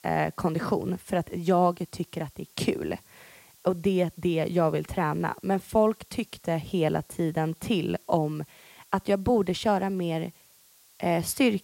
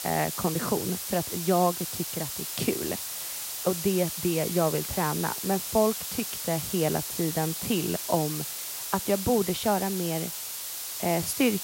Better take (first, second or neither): first